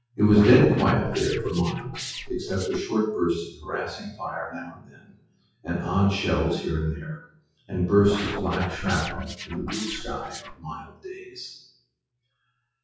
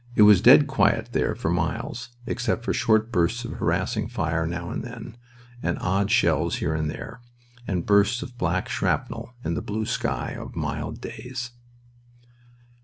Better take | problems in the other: second | noise reduction (classical method WPE with log-MMSE)

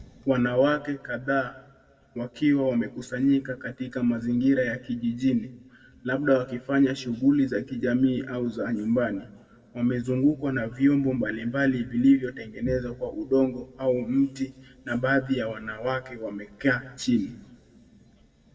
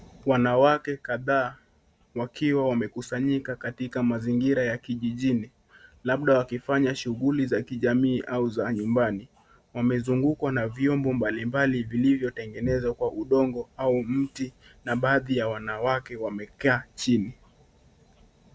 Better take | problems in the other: second | room echo; dies away in 0.8 s

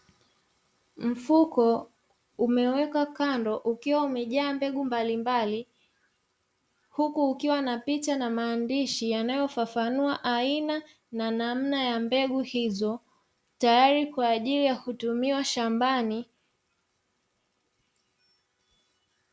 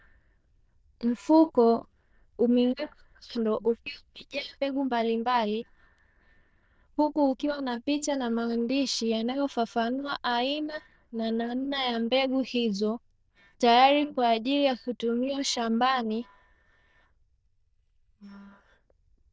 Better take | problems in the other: first | noise reduction (neural diffusion model UNIVERSE++)

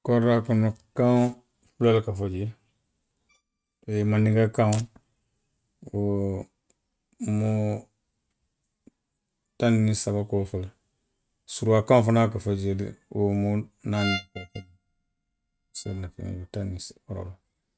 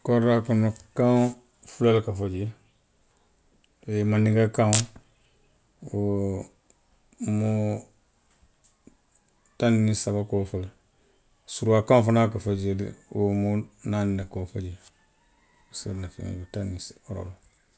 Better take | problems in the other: second | noise reduction (neural mask model RNNoise)

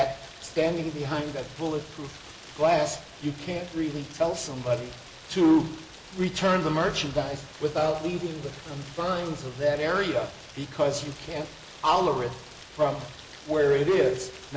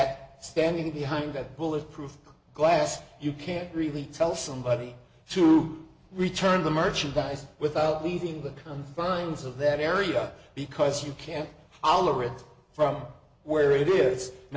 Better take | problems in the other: second | background sound (Rain); 18 dB below the speech

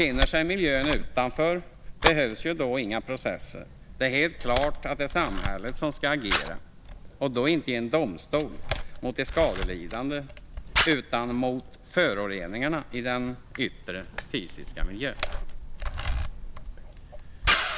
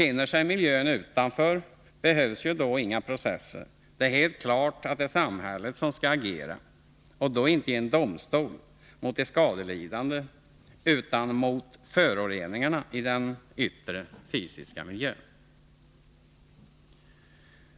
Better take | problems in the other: second | background sound (Camera); 3 dB below the speech

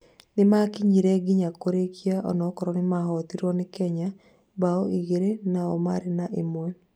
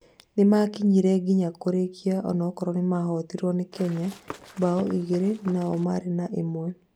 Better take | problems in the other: first | background sound (Run); 18 dB below the speech

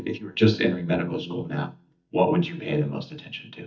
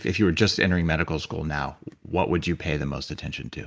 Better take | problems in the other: second | noise reduction (neural mask model DeepFilterNet 3)

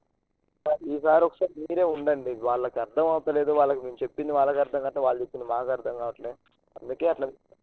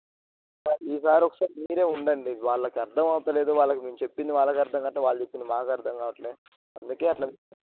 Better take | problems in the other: second | noise reduction (neural separator model SepFormer DNS4)

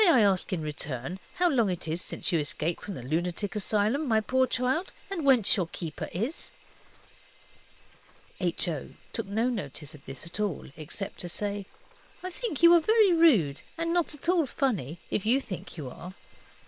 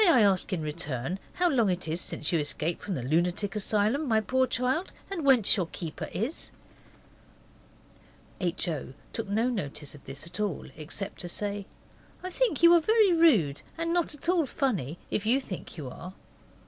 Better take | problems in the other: second | noise reduction (neural separator model SepFormer WHAM!)

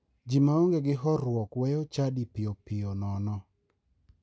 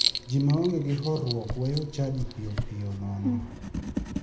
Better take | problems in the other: first | background sound (Writing); 4 dB below the speech // room echo; dies away in 0.7 s

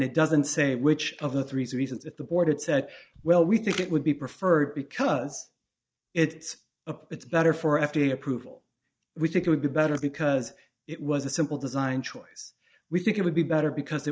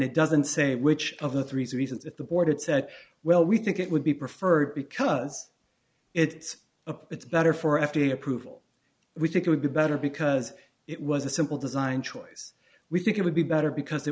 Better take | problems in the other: second | noise reduction (neural mask model DeepFilterNet 3)

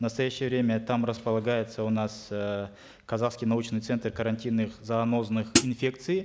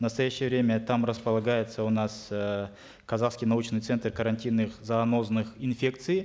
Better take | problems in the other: second | background sound (Hi-hat); 4 dB above the speech

